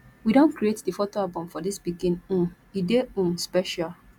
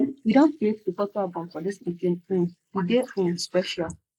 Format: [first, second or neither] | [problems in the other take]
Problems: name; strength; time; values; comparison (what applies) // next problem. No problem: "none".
first | noise reduction (neural mask model Resemble Enhance denoiser)